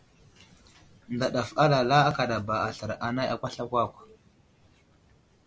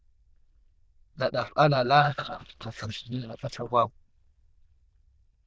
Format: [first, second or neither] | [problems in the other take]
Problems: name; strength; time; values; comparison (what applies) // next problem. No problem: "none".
first | noise reduction (neural diffusion model UNIVERSE++)